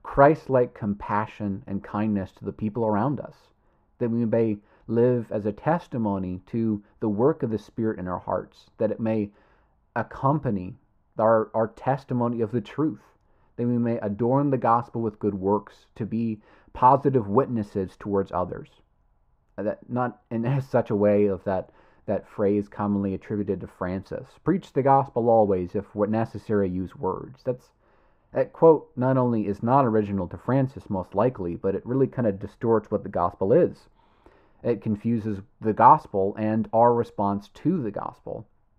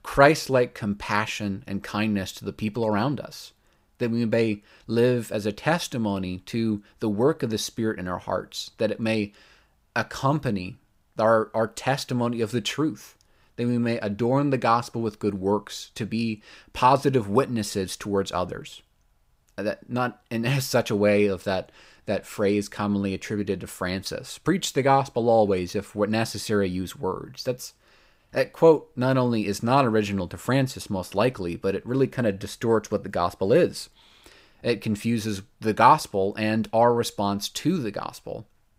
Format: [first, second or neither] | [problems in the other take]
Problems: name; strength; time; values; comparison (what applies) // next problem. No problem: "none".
second | muffled; very; fading above 2.5 kHz